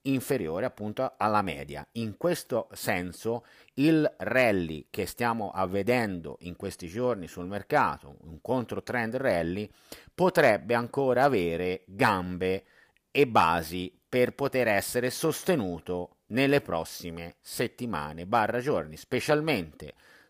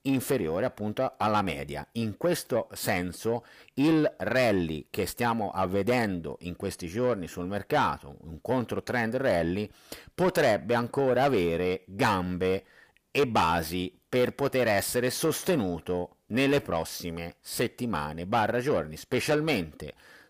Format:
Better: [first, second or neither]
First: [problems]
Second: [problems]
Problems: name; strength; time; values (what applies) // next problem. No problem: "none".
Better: first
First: none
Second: distortion; slight; 10 dB below the speech